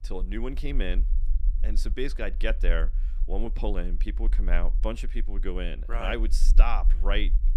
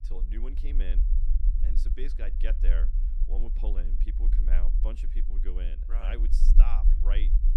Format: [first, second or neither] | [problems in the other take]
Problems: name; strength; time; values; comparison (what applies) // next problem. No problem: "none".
first | low rumble; loud; throughout; 7 dB below the speech; faint in the first